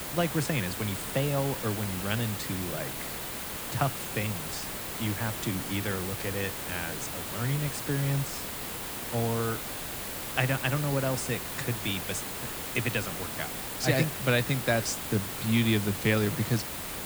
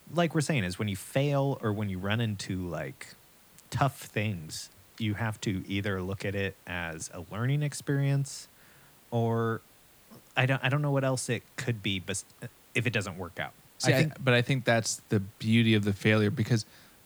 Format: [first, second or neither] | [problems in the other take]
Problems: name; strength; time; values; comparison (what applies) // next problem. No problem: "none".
second | hiss; loud; throughout; 3 dB below the speech; faint in the second